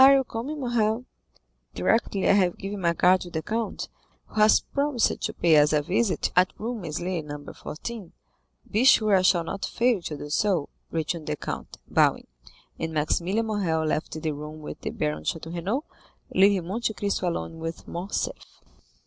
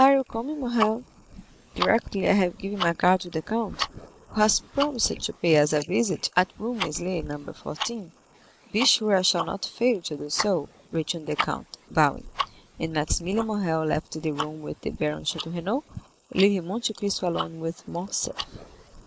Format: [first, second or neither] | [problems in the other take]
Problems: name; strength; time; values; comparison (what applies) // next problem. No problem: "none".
first | noise reduction (neural mask model Resemble Enhance denoiser)